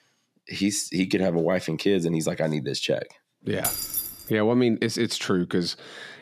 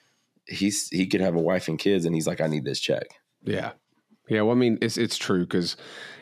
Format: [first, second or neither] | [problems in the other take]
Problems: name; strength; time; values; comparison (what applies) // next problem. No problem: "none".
second | jangling keys; noticeable; at 3.5 s; peak level with the speech